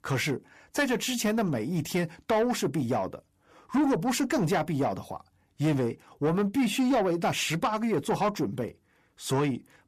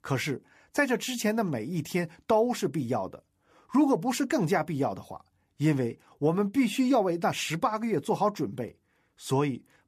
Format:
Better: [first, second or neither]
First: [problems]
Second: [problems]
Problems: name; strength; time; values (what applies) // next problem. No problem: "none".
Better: second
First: distortion; slight; 10 dB below the speech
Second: none